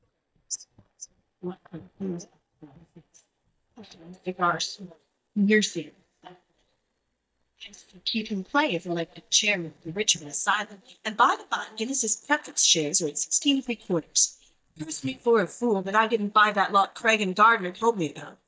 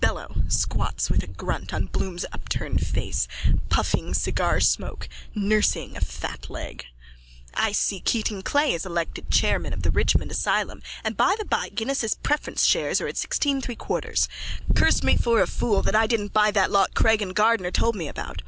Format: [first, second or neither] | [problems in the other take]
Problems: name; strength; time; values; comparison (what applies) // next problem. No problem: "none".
second | noise reduction (neural mask model DeepFilterNet 3)